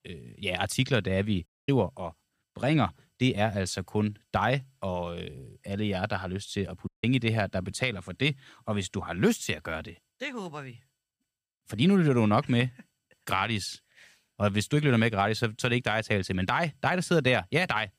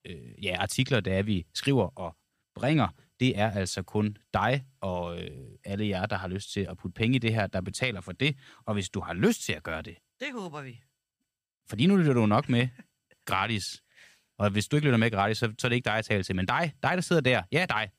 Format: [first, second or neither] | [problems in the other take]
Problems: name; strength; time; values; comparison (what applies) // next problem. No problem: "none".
second | audio cutting out; at 1.5 s and at 7 s